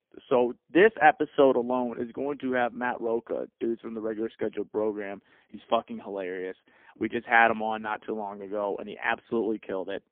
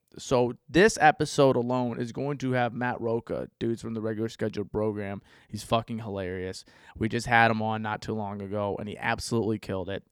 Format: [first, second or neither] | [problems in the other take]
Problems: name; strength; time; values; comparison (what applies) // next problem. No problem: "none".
second | phone-call audio; poor line; nothing above 3.5 kHz